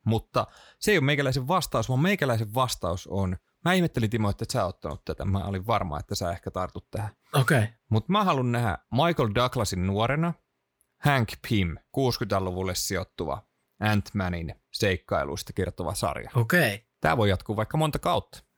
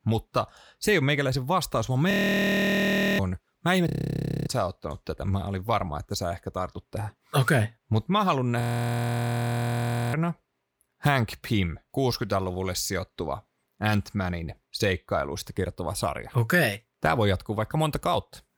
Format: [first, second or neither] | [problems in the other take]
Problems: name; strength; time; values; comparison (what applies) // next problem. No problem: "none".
first | audio freezing; at 2 s for 1 s, at 4 s for 0.5 s and at 8.5 s for 1.5 s